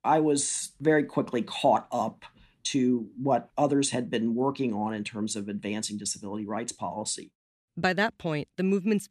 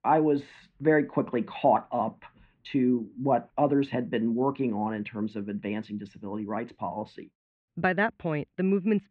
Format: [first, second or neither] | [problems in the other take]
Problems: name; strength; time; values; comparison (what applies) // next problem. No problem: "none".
first | muffled; very; fading above 2.5 kHz